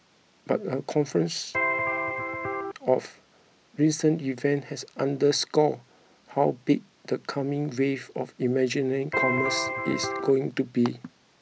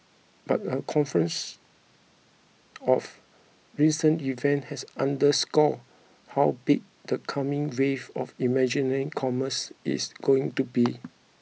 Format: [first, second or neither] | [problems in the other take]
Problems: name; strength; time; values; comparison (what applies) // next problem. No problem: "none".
second | background sound (Electric guitar); 1 dB below the speech